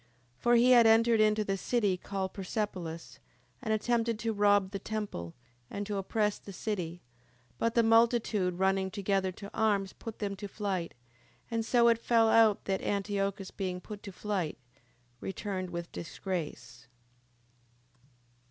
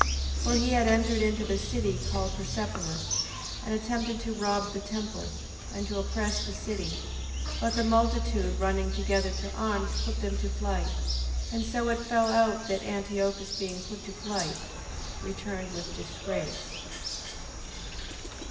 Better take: first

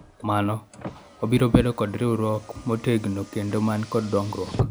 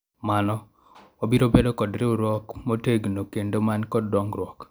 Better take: second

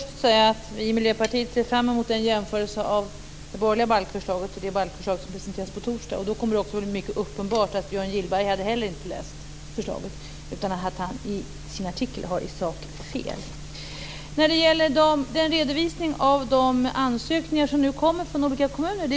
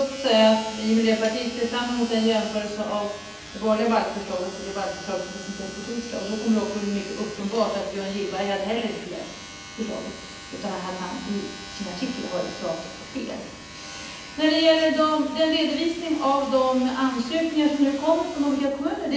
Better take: first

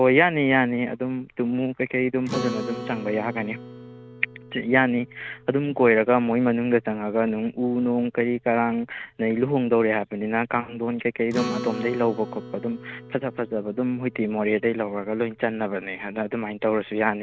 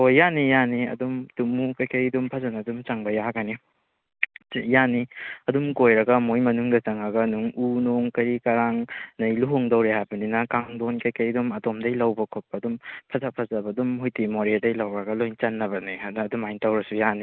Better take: second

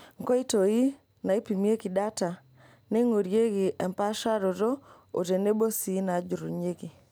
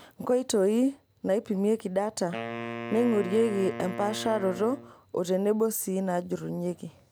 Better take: first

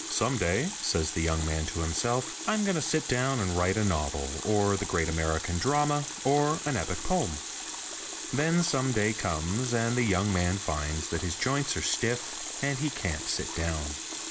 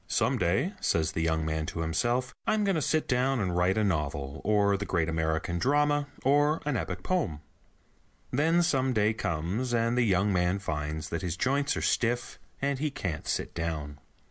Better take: second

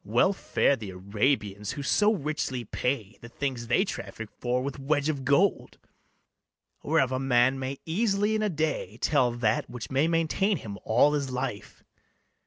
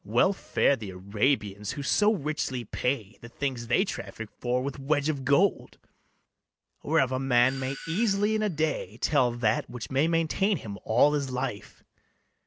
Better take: first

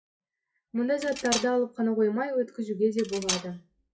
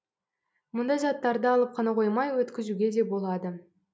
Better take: second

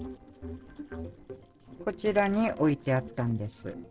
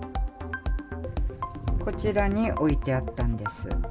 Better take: second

